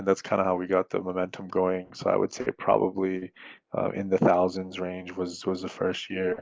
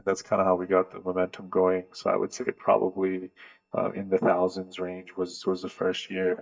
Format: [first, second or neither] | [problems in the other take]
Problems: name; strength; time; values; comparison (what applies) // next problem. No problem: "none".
first | noise reduction (neural mask model DeepFilterNet 3)